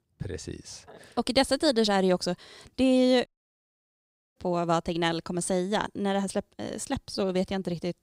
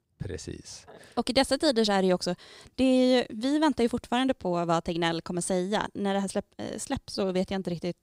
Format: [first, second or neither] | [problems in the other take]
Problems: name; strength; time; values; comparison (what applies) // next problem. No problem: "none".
second | audio cutting out; at 3.5 s for 1 s